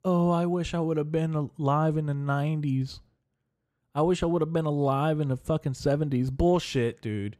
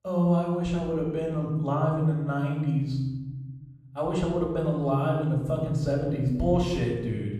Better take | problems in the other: first | off-mic speech; far // room echo; noticeable; dies away in 1.3 s

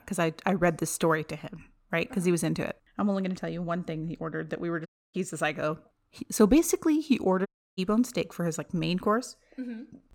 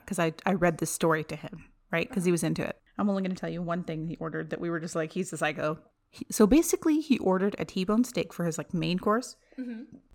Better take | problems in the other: second | audio cutting out; at 5 s and at 7.5 s

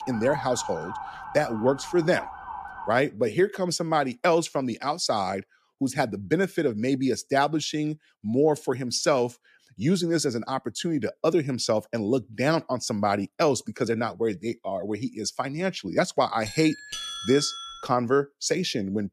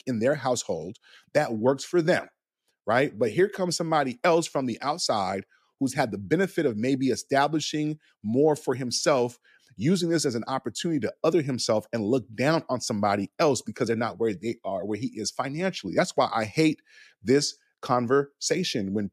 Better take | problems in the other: second | siren; noticeable; until 3 s; peak 8 dB below the speech // doorbell; noticeable; from 16 to 18 s; peak 6 dB below the speech

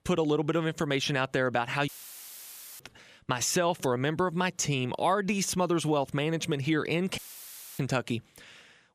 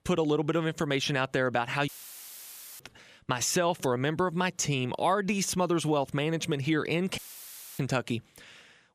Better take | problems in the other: neither | audio cutting out; filled with static; at 2 s for 1 s and at 7 s for 0.5 s; the same in both

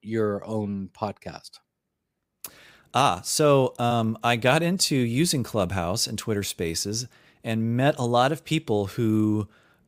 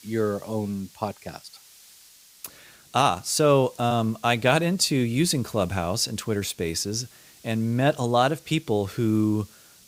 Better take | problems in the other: first | hiss; faint; throughout; 25 dB below the speech

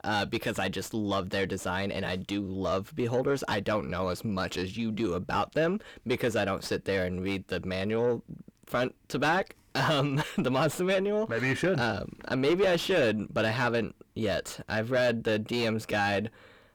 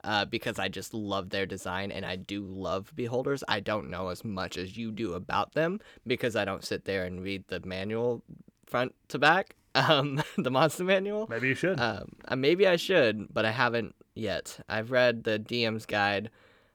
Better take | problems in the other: second | distortion; heavy; 7 dB below the speech

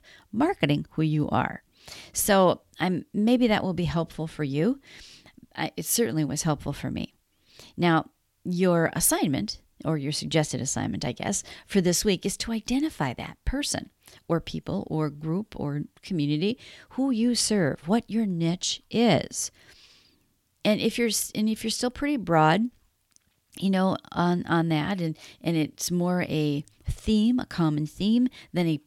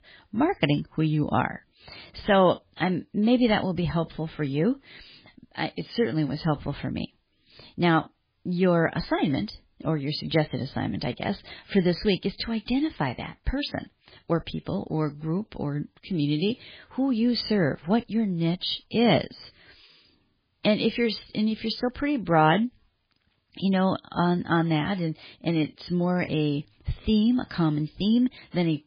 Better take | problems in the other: first | garbled, watery; badly; nothing above 4.5 kHz

